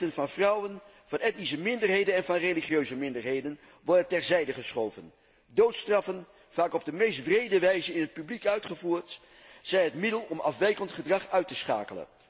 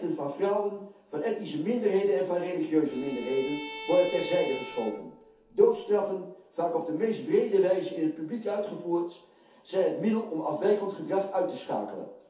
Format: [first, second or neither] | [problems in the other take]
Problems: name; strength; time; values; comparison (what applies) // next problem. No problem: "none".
first | background sound (Bowed string instrument); 13 dB below the speech // room echo; dies away in 0.5 s